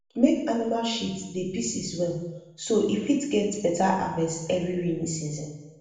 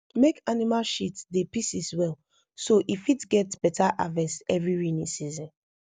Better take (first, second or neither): second